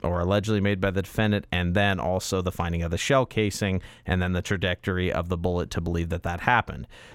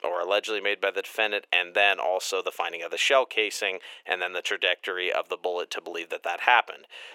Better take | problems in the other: first | thin; very; fading below 400 Hz

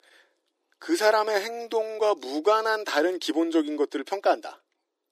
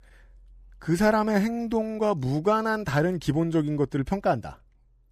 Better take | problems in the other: second | thin; very; fading below 300 Hz

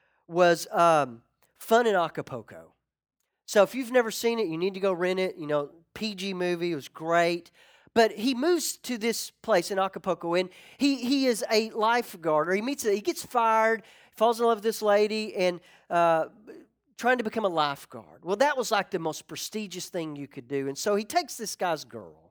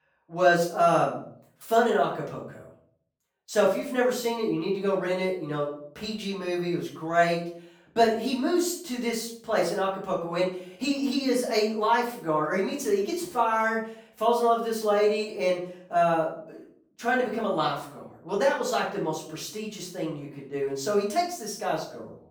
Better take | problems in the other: first | room echo; noticeable; dies away in 0.5 s // off-mic speech; far

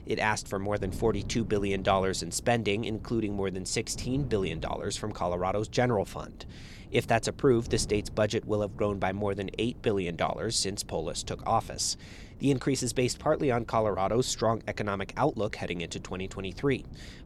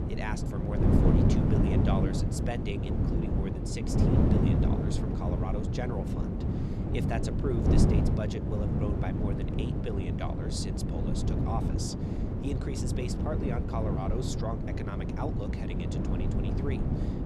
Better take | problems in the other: first | wind noise on the microphone; heavy; 2 dB above the speech; occasional gusts in the first

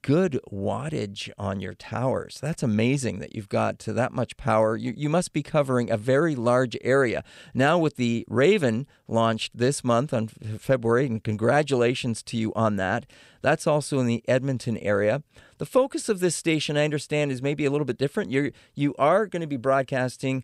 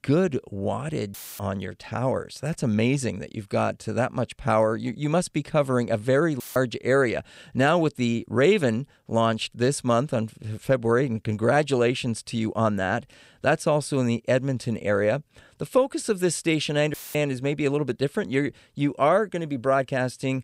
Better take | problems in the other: first | audio cutting out; filled with static; at 1 s, at 6.5 s and at 17 s

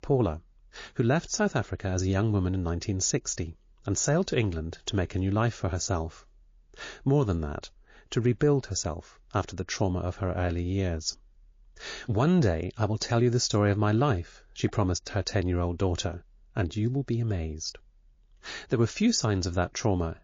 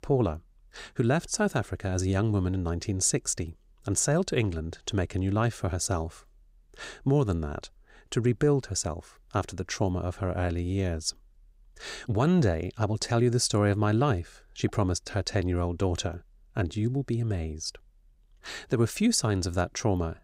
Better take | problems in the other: second | garbled, watery; slightly

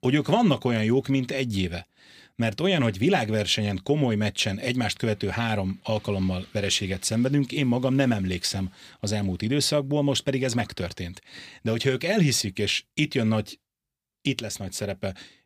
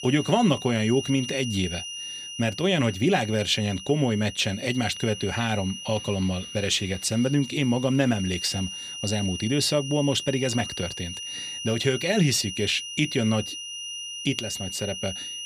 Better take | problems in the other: first | high-pitched whine; loud; throughout; 3 kHz, 9 dB below the speech

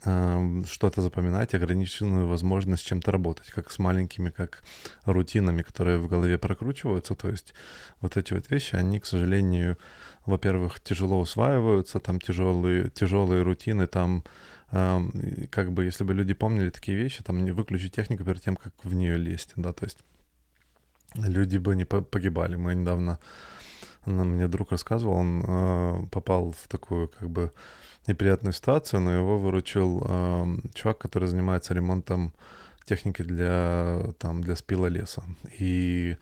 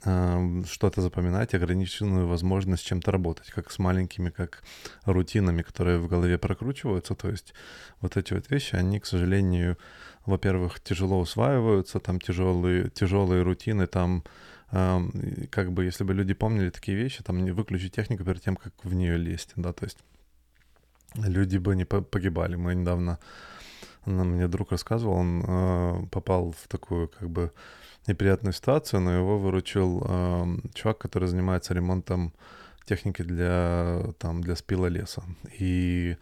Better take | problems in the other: second | garbled, watery; slightly; nothing above 15.5 kHz

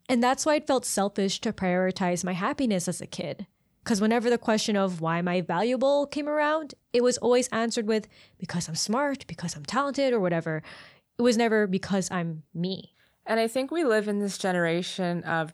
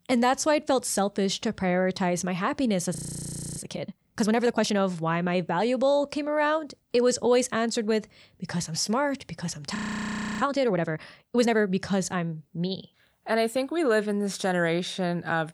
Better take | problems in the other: first | audio freezing; at 3 s for 0.5 s and at 10 s for 0.5 s

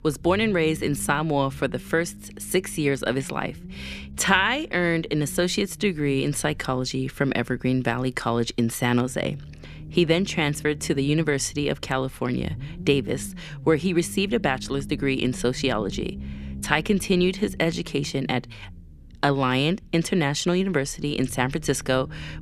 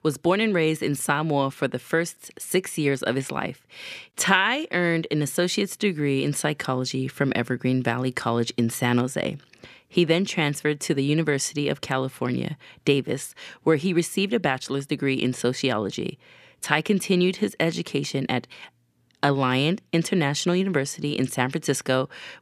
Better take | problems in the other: second | low rumble; faint; throughout; 25 dB below the speech

